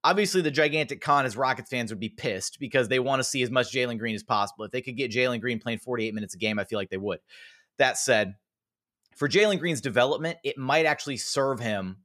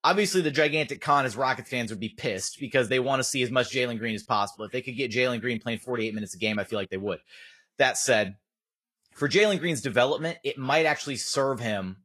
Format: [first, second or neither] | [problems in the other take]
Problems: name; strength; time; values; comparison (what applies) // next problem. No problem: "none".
first | garbled, watery; slightly; nothing above 11.5 kHz